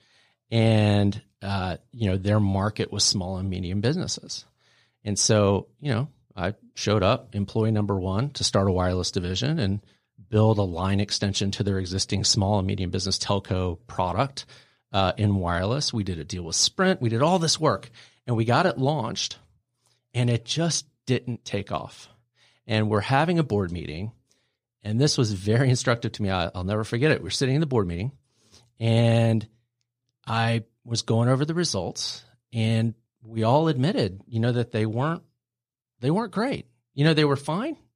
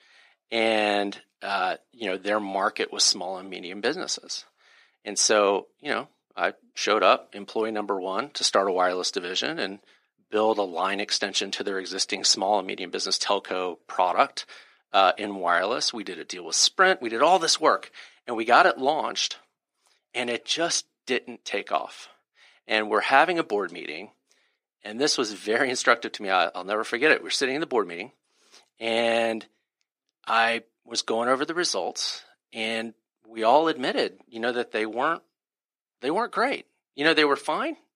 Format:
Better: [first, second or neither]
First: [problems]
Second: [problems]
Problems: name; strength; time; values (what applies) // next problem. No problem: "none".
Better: first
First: none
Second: thin; very; fading below 300 Hz